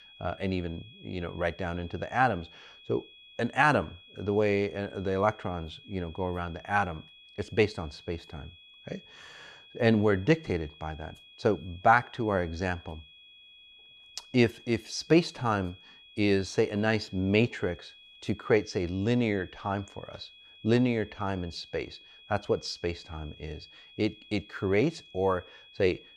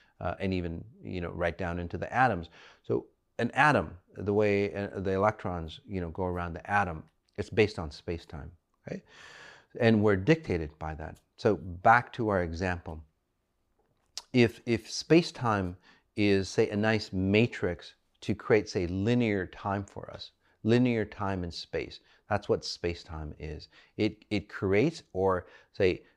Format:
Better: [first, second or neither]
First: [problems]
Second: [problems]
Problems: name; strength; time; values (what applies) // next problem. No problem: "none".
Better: second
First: high-pitched whine; faint; throughout; 3.5 kHz, 20 dB below the speech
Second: none